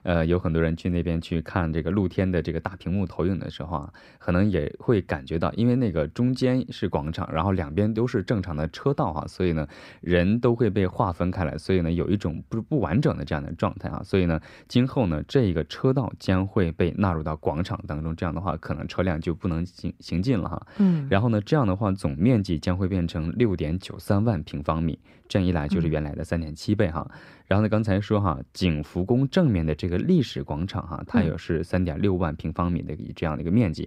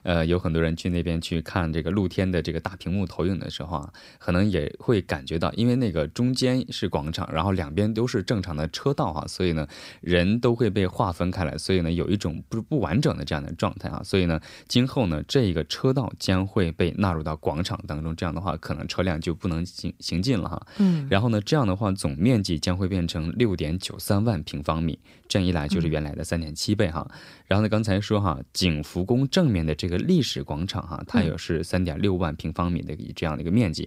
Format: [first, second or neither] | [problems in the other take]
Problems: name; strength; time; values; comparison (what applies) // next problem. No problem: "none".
second | muffled; slightly; fading above 3 kHz